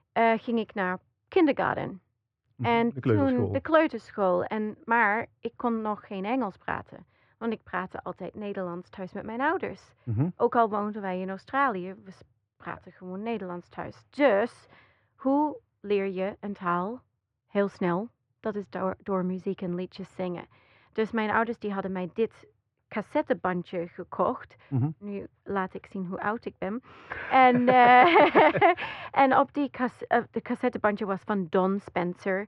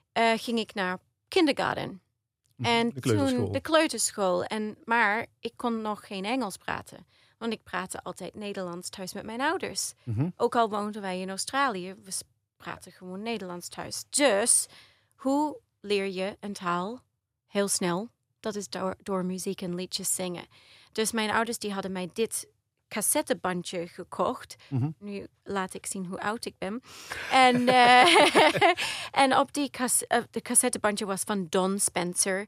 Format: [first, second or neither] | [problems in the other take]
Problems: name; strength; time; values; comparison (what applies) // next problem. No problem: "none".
second | muffled; very; fading above 2 kHz